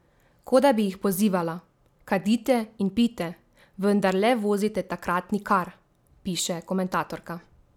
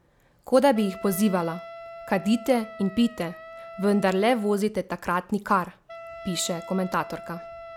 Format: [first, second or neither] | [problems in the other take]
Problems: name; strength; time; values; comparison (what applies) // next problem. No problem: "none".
first | background sound (Wind instrument, woodwind instrument); 16 dB below the speech